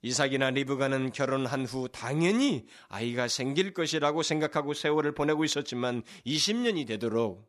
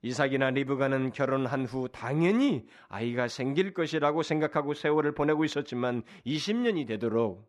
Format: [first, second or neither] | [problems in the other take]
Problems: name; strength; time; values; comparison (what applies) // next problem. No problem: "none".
first | muffled; slightly; fading above 3.5 kHz